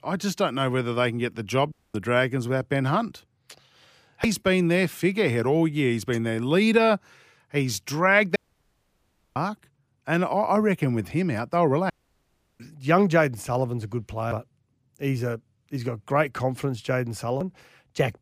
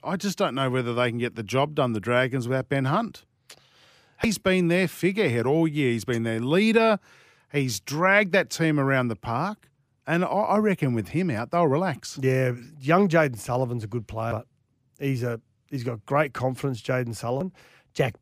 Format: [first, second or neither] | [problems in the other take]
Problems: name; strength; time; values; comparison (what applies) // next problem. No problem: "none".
second | audio cutting out; at 1.5 s, at 8.5 s for 1 s and at 12 s for 0.5 s